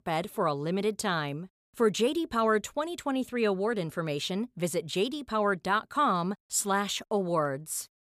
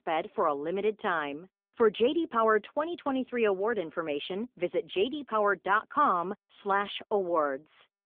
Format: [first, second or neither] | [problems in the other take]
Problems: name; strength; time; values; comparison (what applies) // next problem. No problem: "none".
first | phone-call audio; nothing above 3.5 kHz